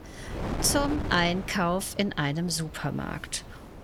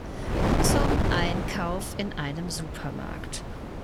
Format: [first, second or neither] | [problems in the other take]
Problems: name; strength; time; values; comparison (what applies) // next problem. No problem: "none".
first | wind noise on the microphone; heavy; 1 dB above the speech; occasional gusts in the first